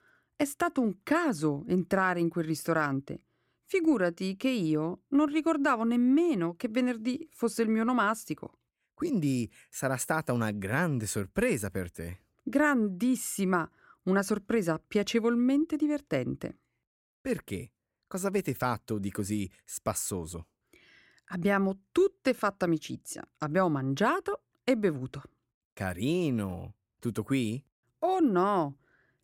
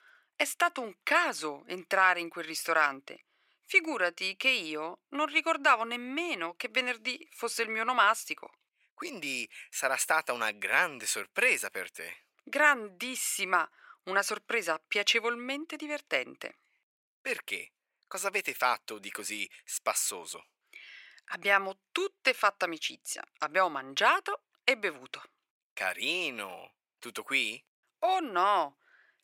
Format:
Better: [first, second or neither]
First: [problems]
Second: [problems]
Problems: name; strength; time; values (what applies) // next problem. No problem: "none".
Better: first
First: none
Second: thin; very; fading below 750 Hz